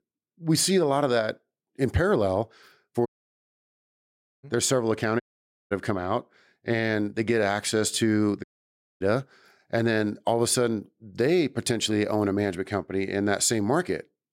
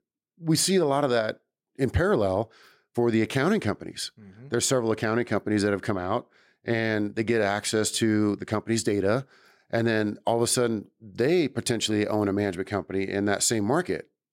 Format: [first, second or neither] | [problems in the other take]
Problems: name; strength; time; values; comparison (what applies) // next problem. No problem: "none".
second | audio cutting out; at 3 s for 1.5 s, at 5 s for 0.5 s and at 8.5 s for 0.5 s